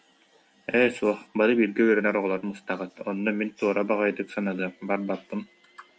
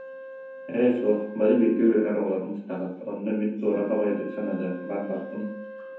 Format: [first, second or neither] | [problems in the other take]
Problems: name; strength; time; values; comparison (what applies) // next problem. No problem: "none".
first | background sound (Wind instrument, woodwind instrument); 15 dB below the speech // room echo; dies away in 0.7 s